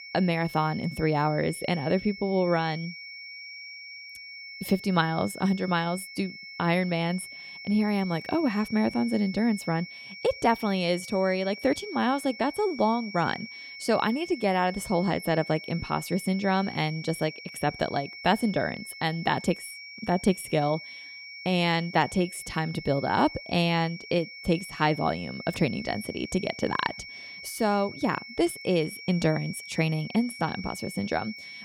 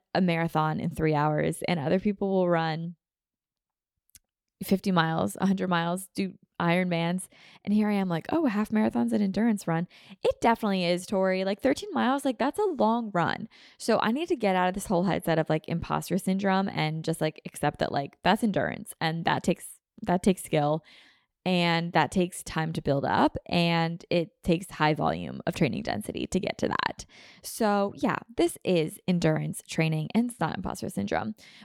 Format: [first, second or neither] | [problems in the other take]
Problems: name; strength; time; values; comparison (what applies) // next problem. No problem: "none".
second | high-pitched whine; noticeable; throughout; 2 kHz, 15 dB below the speech